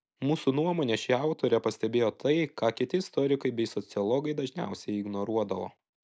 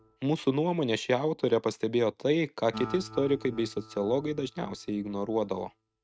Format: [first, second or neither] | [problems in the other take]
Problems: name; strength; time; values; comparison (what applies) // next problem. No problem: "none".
first | noise reduction (neural mask model RNNoise)